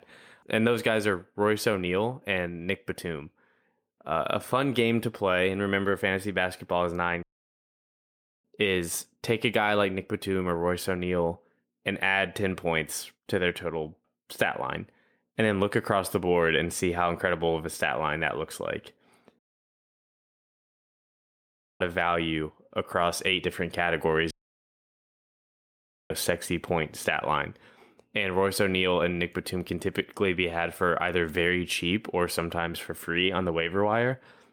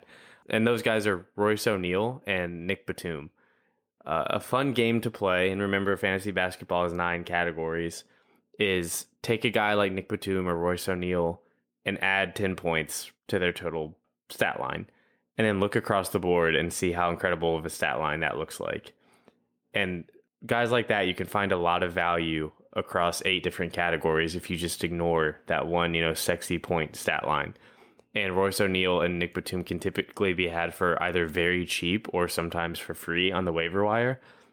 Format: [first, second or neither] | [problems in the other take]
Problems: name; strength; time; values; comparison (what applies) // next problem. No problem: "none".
second | audio cutting out; at 7 s for 1 s, at 19 s for 2.5 s and at 24 s for 2 s